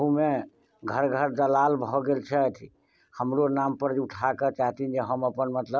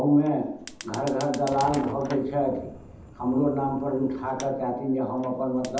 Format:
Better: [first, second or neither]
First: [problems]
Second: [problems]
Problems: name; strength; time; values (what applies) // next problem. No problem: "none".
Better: first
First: none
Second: background sound (Fire); 17 dB below the speech // room echo; dies away in 0.8 s